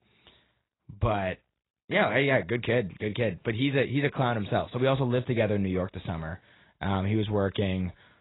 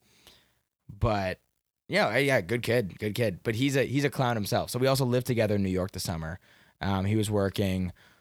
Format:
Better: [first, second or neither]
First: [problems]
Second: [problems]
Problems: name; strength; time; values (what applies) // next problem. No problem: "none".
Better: second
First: garbled, watery; badly; nothing above 4 kHz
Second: none